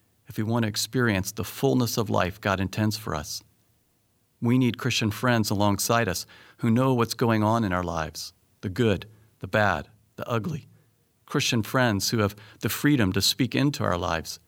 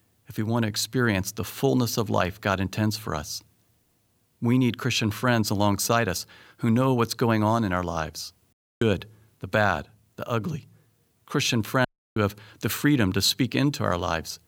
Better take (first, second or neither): first